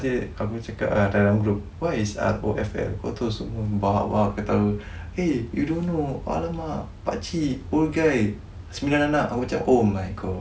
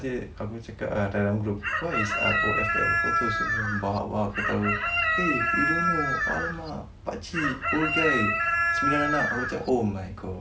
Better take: first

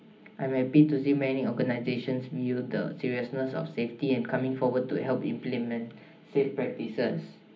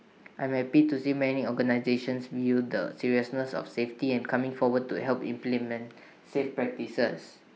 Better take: second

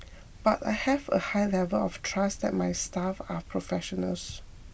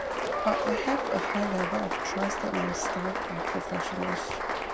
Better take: first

